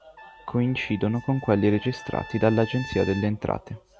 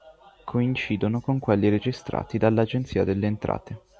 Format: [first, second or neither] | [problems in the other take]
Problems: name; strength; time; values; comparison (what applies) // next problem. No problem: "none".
second | background sound (Trumpet); 17 dB below the speech